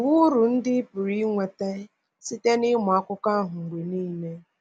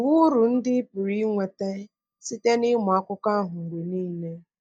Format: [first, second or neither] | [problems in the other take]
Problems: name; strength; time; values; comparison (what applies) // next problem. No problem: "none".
first | noise reduction (neural mask model DeepFilterNet 3)